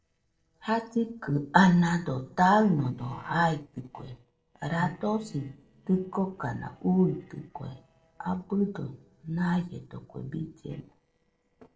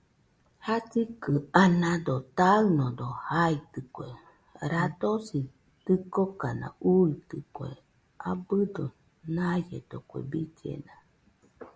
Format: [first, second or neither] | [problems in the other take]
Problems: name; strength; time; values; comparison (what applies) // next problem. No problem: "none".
second | noise reduction (neural separator model SepFormer DNS4)